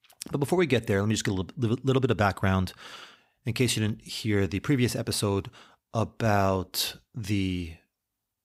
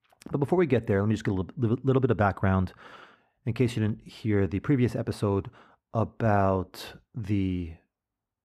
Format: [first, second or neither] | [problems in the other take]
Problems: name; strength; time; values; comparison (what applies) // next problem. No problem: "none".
first | muffled; very; fading above 2.5 kHz